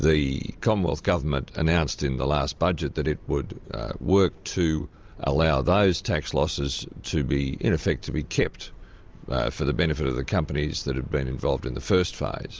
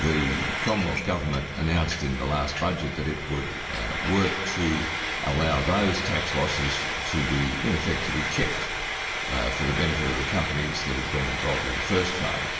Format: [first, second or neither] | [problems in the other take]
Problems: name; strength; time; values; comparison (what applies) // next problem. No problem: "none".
first | background sound (Frying (food)); 3 dB below the speech // room echo; dies away in 2.2 s